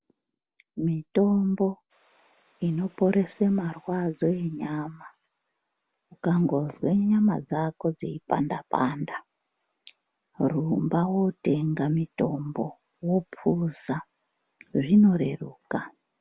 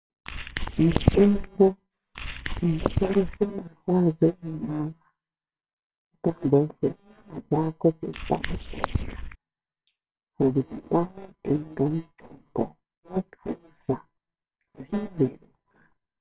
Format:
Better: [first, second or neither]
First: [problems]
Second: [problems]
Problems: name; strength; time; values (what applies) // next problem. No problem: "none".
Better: first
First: none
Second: noise reduction (neural separator model SepFormer WHAMR!)